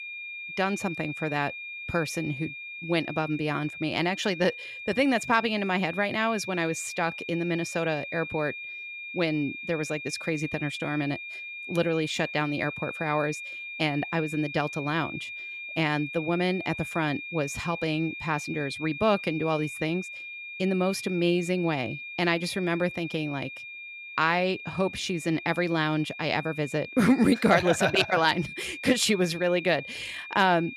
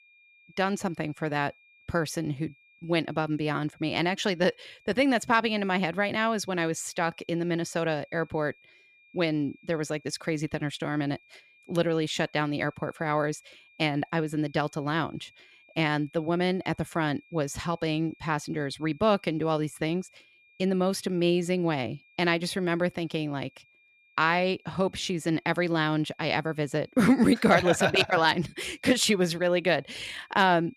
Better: second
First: high-pitched whine; loud; throughout; 2.5 kHz, 9 dB below the speech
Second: high-pitched whine; faint; throughout; 2.5 kHz, 30 dB below the speech

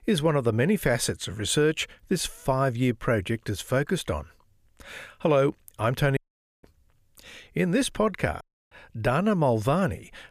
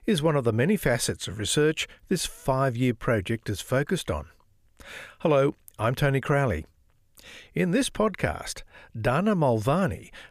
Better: second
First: audio cutting out; at 6 s and at 8.5 s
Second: none

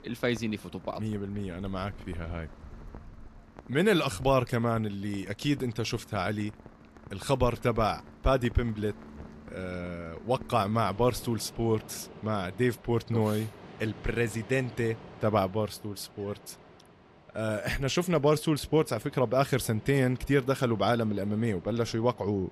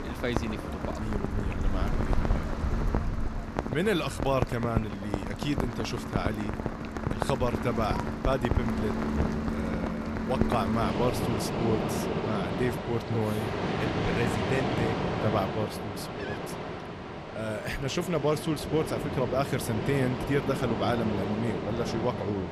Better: first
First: rain or running water; faint; throughout; 20 dB below the speech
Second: rain or running water; loud; throughout; as loud as the speech

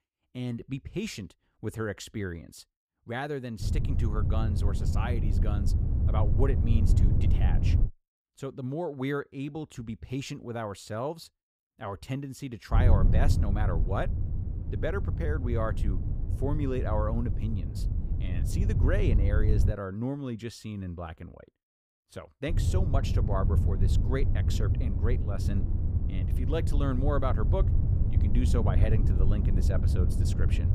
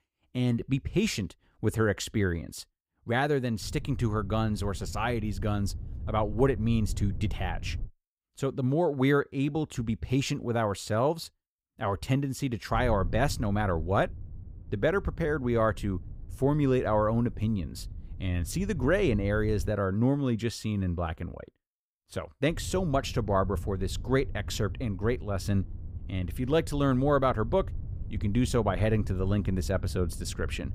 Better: second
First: low rumble; loud; from 3.5 to 8 s, from 13 to 20 s and from 23 s on; 6 dB below the speech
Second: low rumble; faint; from 3.5 to 8 s, from 13 to 20 s and from 23 s on; 25 dB below the speech

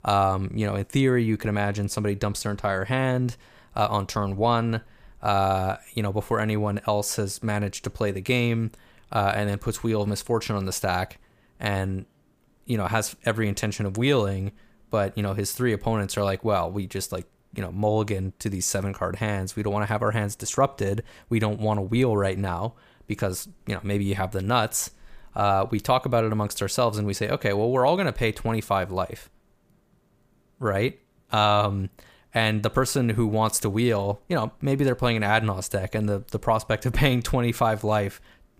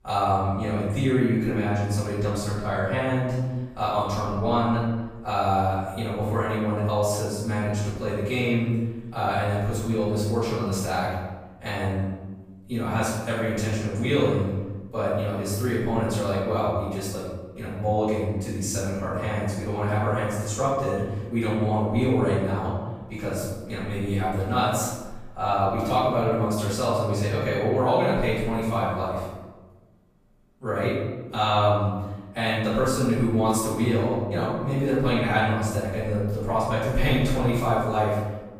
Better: first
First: none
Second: room echo; strong; dies away in 1.1 s // off-mic speech; far

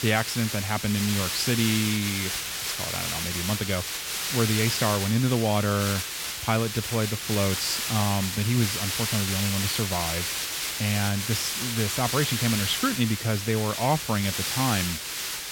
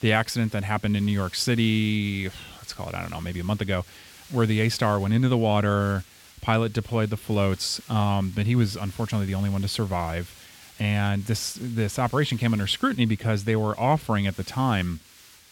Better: second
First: hiss; loud; throughout; 1 dB below the speech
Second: hiss; faint; throughout; 20 dB below the speech

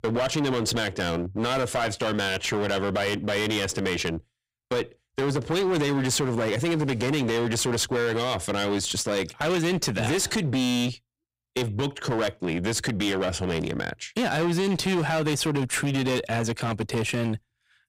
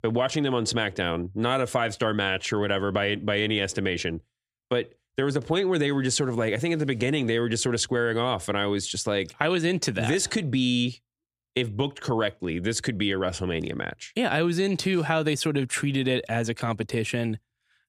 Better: second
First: distortion; heavy; 22% of the sound clipped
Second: none

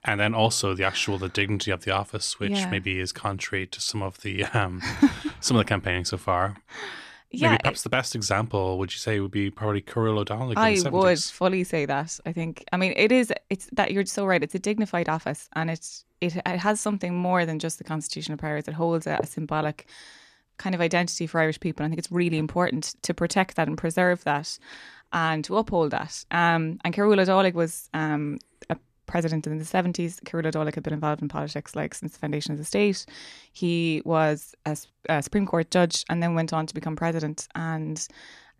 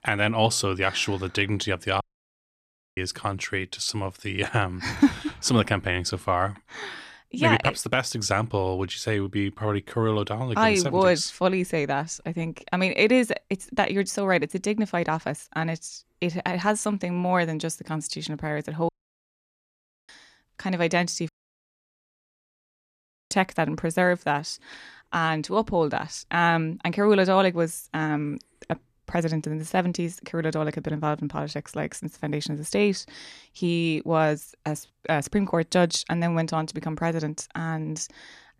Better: first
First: none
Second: audio cutting out; at 2 s for 1 s, at 19 s for 1 s and at 21 s for 2 s

